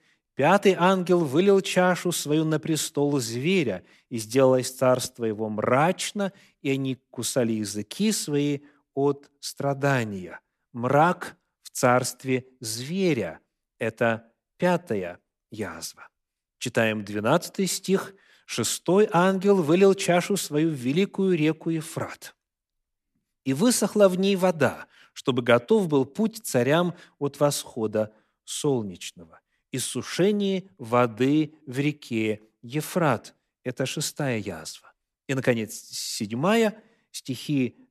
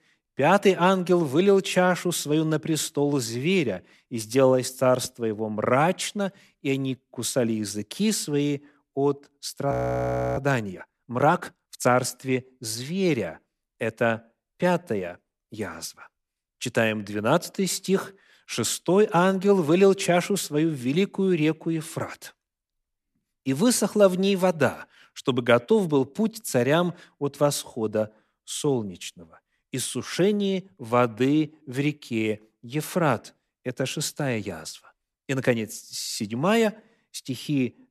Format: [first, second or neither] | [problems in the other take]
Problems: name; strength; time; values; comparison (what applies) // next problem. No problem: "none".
first | audio freezing; at 9.5 s for 0.5 s